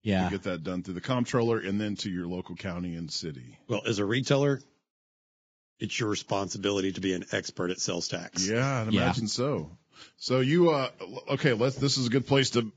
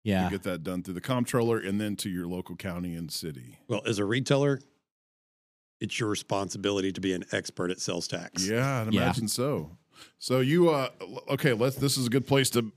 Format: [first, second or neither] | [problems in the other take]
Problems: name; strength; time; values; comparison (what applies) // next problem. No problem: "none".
second | garbled, watery; badly; nothing above 7.5 kHz